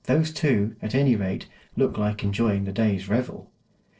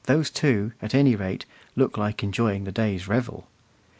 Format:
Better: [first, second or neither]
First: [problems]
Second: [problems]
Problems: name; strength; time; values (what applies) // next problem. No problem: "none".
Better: second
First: noise reduction (neural separator model SepFormer DNS4)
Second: none